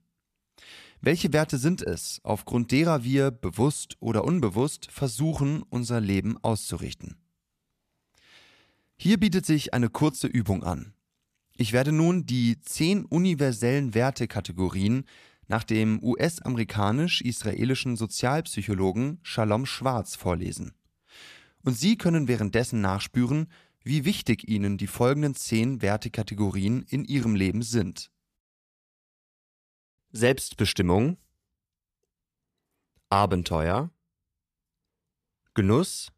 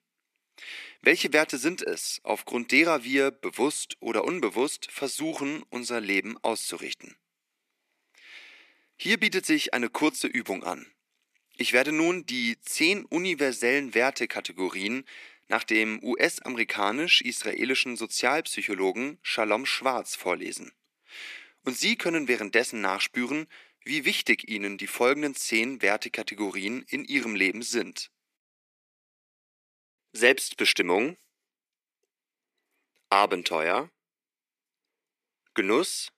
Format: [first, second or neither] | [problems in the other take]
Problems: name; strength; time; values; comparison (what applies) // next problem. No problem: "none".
first | thin; somewhat; fading below 300 Hz